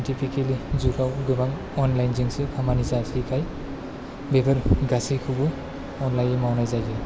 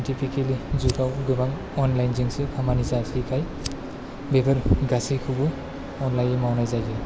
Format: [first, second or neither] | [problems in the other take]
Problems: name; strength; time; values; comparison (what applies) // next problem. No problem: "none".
first | background sound (Fire); 19 dB below the speech